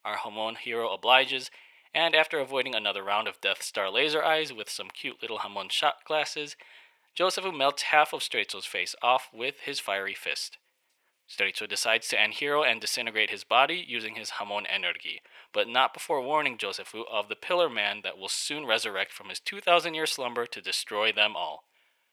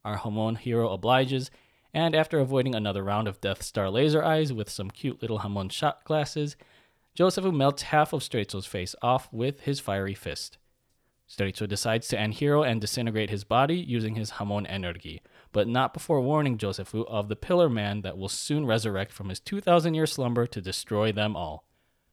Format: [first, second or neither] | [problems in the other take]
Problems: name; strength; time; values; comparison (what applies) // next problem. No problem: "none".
second | thin; very; fading below 550 Hz